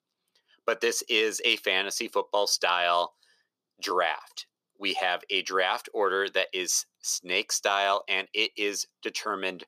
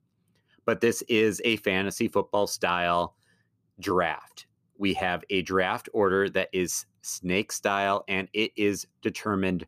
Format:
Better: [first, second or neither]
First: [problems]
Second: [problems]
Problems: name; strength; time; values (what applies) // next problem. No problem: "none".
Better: second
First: thin; very; fading below 550 Hz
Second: none